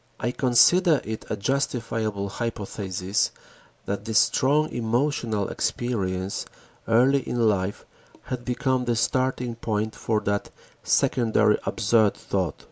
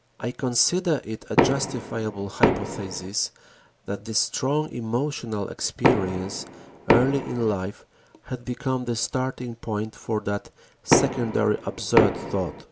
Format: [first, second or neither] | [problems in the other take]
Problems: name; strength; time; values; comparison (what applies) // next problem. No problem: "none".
first | background sound (Knock); 2 dB above the speech